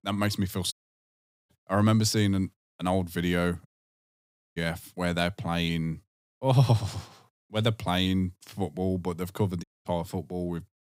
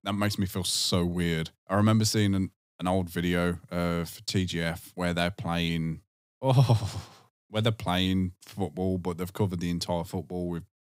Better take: second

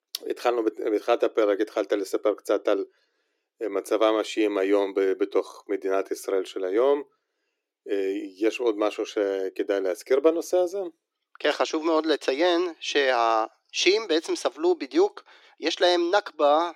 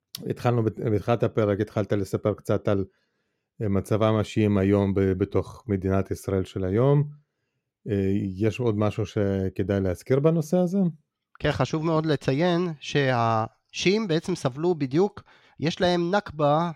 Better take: second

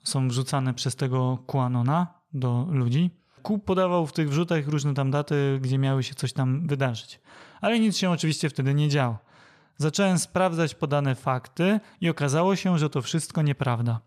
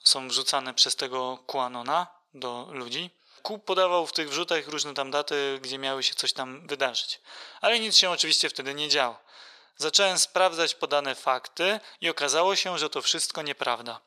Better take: first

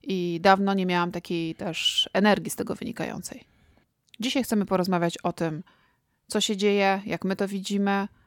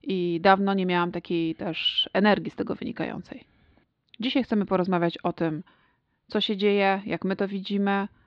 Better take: first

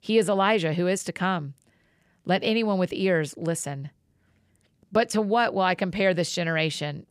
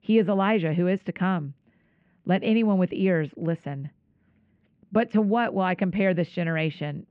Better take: first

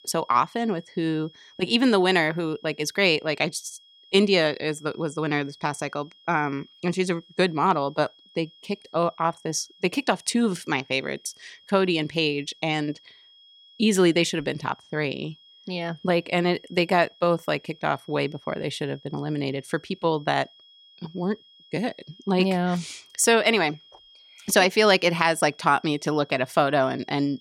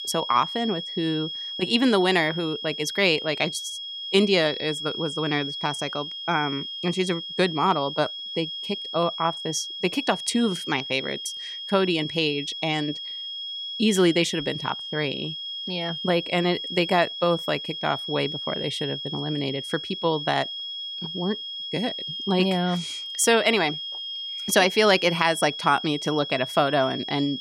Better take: first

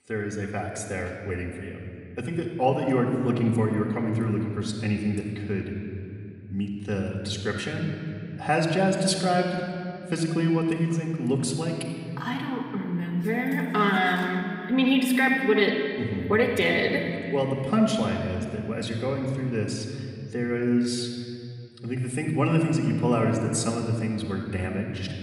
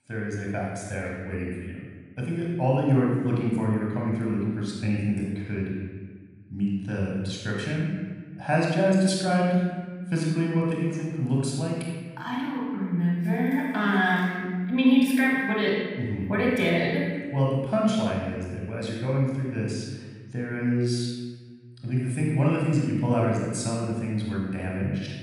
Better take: first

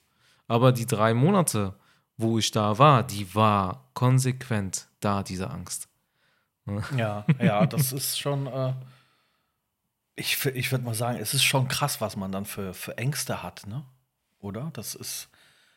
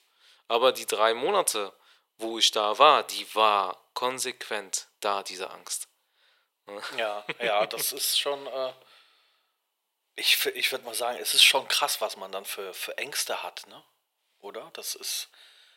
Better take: first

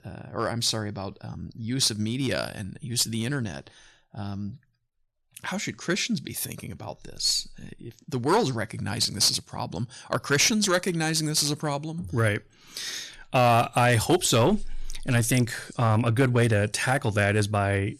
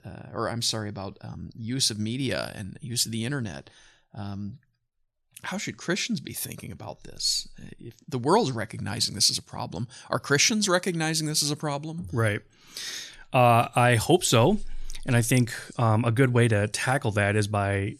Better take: second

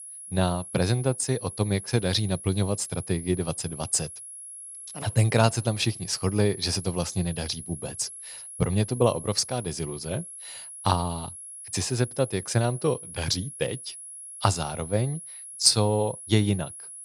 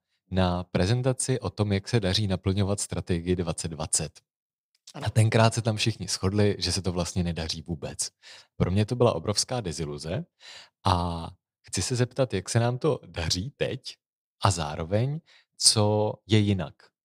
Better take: second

